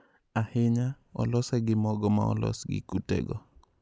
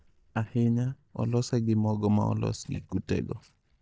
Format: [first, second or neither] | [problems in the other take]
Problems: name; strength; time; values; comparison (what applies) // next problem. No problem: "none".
first | noise reduction (neural mask model DeepFilterNet 3)